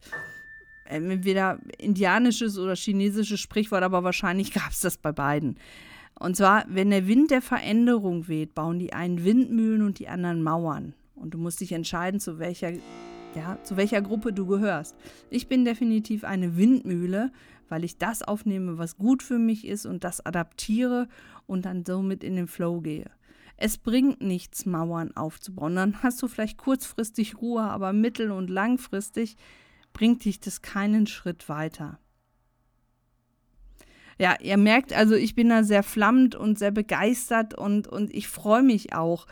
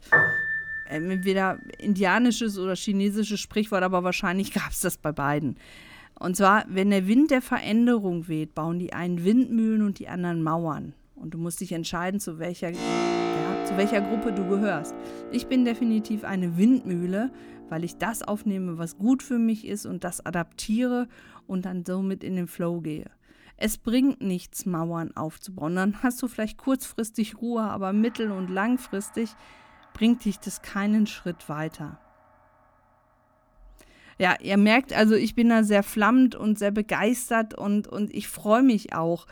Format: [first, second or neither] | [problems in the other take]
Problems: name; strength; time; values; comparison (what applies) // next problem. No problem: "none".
first | background music; loud; throughout; 4 dB below the speech; faint in the first